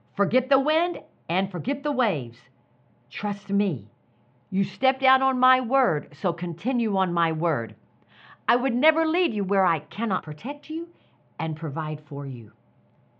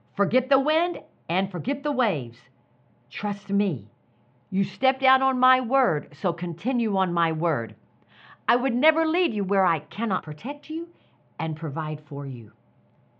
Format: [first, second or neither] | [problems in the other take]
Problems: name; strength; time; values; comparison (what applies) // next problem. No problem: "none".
neither | muffled; slightly; fading above 3.5 kHz; the same in both